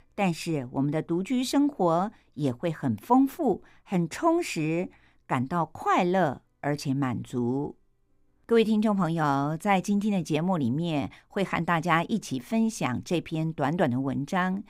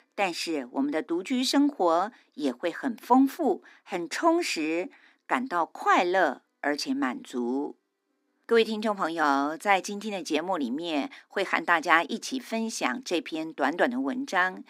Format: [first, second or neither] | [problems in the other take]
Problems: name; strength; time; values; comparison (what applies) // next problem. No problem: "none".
first | thin; very slightly; fading below 250 Hz